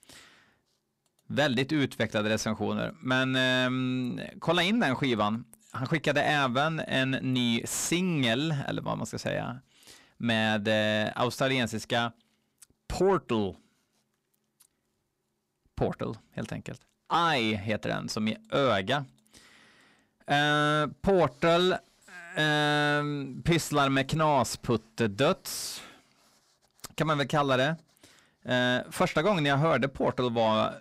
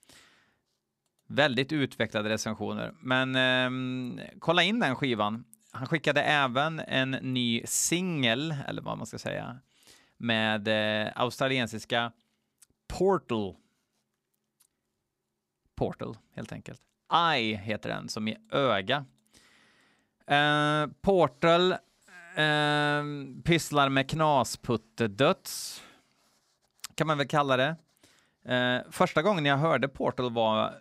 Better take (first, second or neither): second